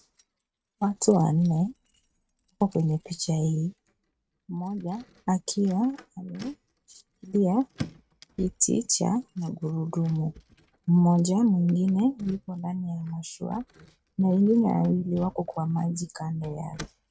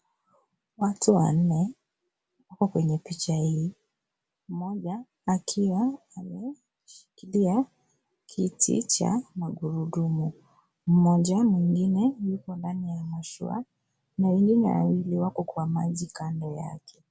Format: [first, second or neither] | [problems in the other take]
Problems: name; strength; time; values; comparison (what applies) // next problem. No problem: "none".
second | noise reduction (neural mask model RNNoise)